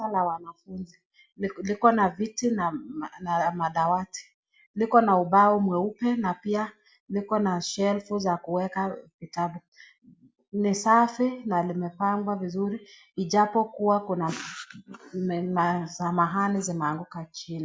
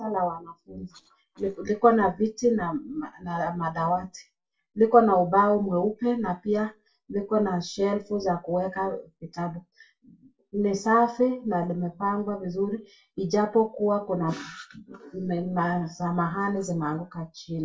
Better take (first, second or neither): first